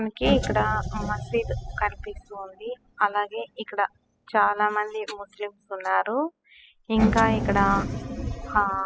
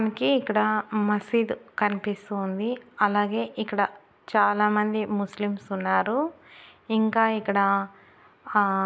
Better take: second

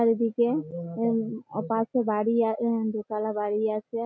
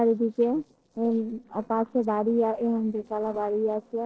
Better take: first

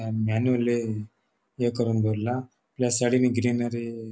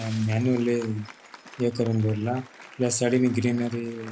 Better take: first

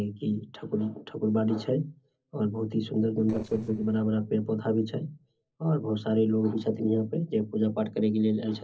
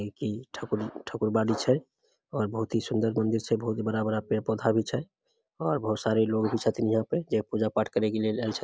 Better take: second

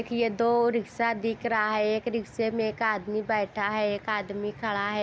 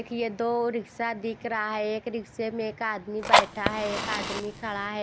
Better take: first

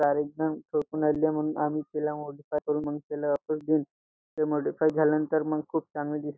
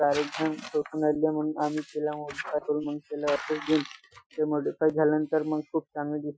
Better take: first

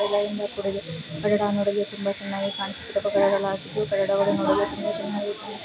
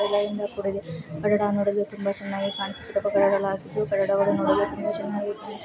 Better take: second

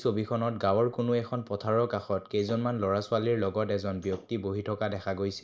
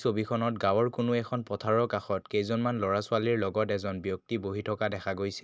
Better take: second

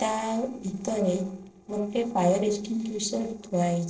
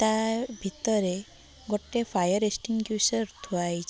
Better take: second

